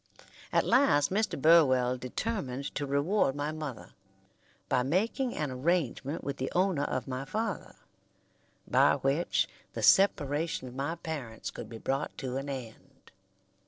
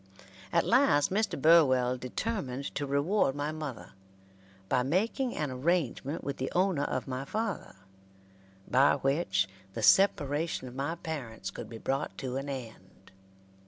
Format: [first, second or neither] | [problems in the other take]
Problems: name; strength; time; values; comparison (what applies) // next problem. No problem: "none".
second | noise reduction (neural separator model SepFormer DNS4)